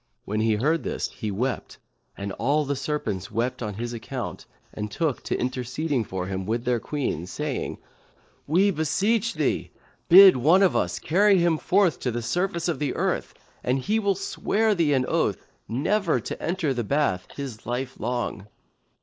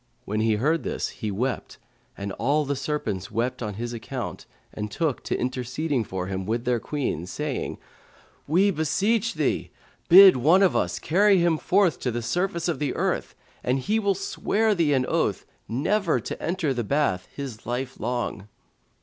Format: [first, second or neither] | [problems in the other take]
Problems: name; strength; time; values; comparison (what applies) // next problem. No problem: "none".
second | noise reduction (neural mask model Resemble Enhance denoiser)